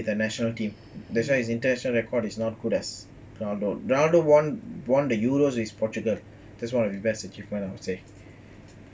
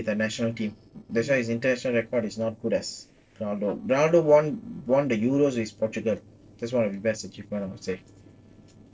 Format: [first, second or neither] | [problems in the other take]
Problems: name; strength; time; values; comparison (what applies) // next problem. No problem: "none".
first | noise reduction (neural separator model SepFormer DNS4)